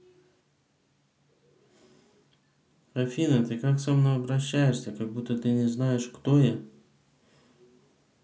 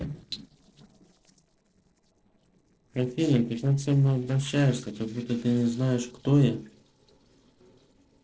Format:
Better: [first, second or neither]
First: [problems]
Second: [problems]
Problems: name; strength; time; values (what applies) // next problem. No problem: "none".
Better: first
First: none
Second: noise reduction (neural separator model SepFormer DNS4)